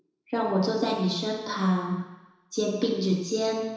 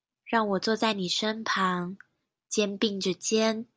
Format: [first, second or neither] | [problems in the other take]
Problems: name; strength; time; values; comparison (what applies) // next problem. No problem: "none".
second | room echo; dies away in 1 s